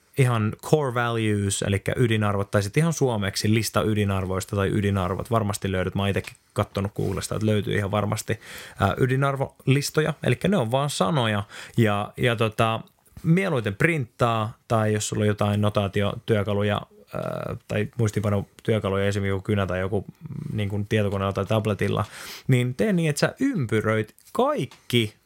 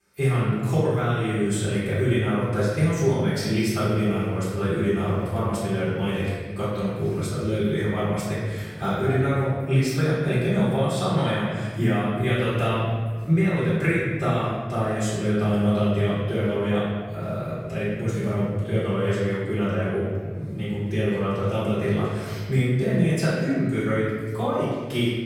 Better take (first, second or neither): first